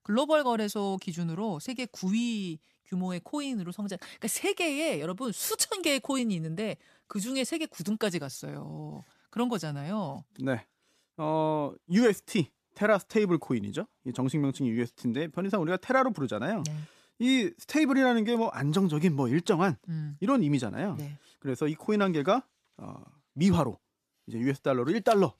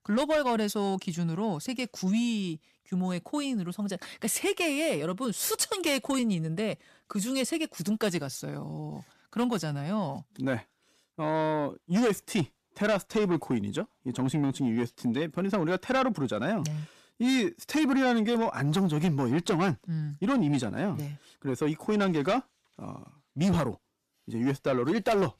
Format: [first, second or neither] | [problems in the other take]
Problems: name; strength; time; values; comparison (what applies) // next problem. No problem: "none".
first | distortion; slight; 10 dB below the speech